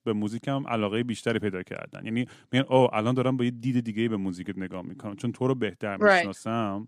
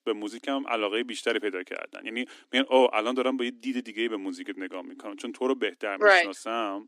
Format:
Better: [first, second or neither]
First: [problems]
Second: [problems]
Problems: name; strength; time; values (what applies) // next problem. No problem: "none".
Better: first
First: none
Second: thin; very slightly; fading below 250 Hz